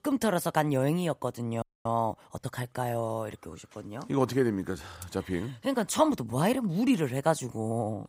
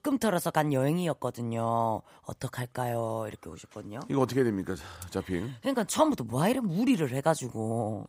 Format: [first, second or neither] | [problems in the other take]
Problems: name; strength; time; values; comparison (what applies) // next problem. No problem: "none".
second | audio freezing; at 1.5 s